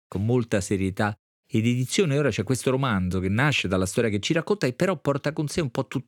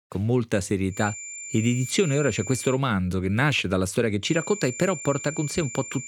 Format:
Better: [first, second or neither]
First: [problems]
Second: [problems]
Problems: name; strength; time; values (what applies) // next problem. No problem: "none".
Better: first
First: none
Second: high-pitched whine; noticeable; from 1 to 2.5 s and from 4.5 s on; 7 kHz, 10 dB below the speech